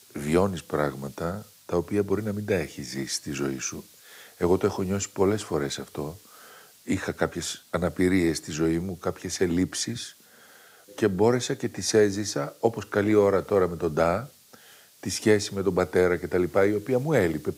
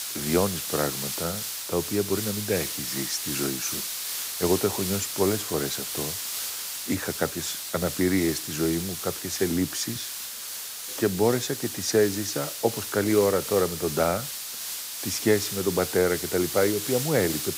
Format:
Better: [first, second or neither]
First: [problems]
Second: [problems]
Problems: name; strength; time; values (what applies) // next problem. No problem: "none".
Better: first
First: hiss; faint; throughout; 25 dB below the speech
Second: hiss; loud; throughout; 3 dB below the speech